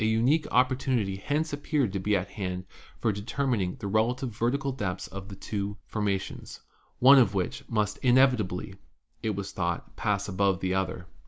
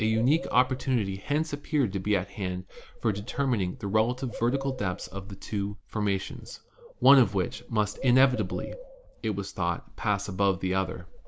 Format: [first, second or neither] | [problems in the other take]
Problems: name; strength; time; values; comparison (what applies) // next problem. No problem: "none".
first | background sound (Bird); 17 dB below the speech